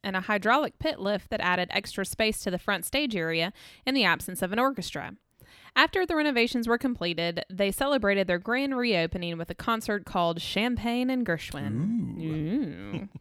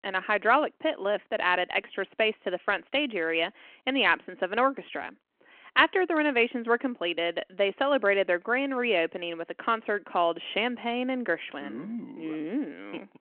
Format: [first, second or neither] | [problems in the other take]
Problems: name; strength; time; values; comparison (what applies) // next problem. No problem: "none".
first | phone-call audio